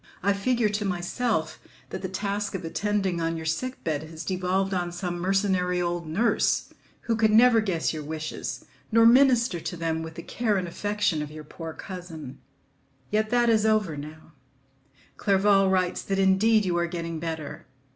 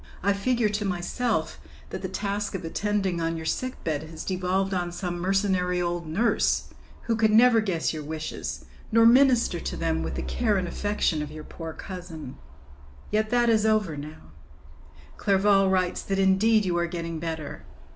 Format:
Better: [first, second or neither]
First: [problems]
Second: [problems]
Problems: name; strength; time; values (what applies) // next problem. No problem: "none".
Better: first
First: none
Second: background sound (Truck); 12 dB below the speech